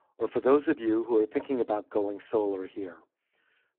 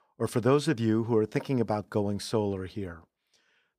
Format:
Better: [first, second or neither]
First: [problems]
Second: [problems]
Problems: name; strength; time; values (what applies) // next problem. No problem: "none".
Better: second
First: phone-call audio; poor line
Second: none